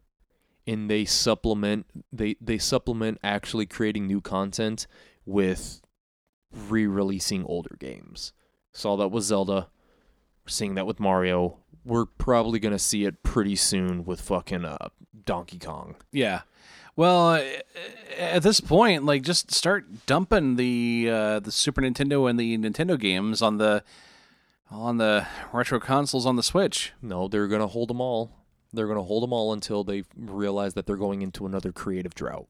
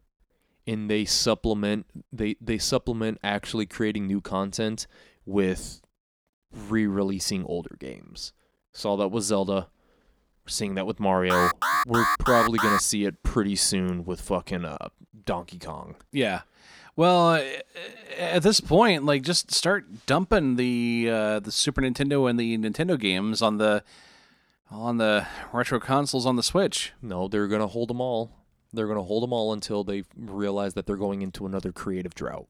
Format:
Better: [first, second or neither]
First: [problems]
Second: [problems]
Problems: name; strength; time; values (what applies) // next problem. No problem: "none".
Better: first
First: none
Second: alarm; loud; from 11 to 13 s; peak 3 dB above the speech